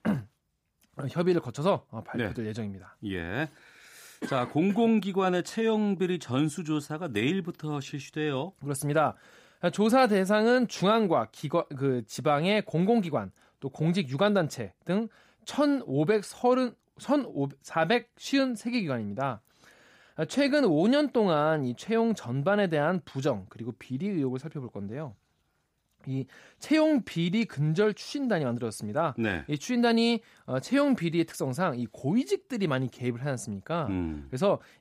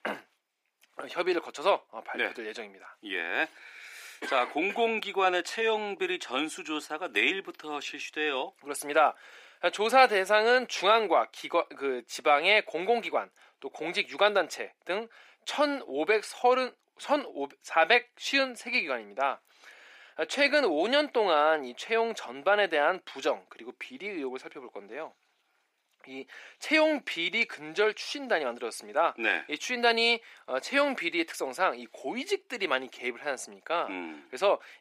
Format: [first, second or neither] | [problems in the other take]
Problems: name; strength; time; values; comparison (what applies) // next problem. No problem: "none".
first | thin; very; fading below 350 Hz